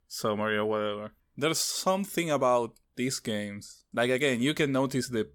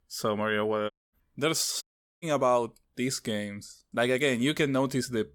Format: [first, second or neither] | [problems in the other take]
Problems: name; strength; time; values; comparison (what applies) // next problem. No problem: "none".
first | audio cutting out; at 1 s and at 2 s